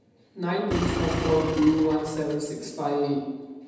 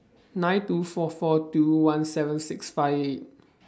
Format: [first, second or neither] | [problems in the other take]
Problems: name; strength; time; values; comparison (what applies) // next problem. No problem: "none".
second | background sound (Engine); 4 dB below the speech // room echo; dies away in 1.1 s